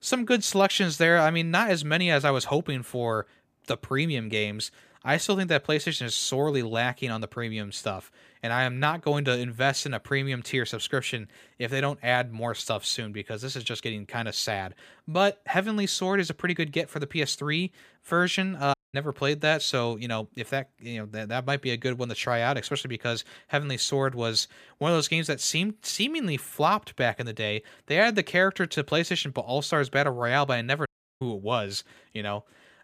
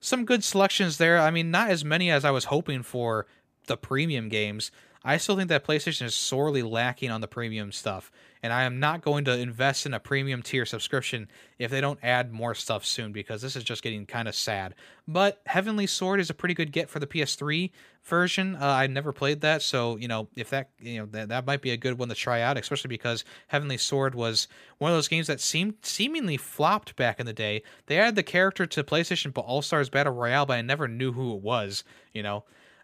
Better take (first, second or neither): second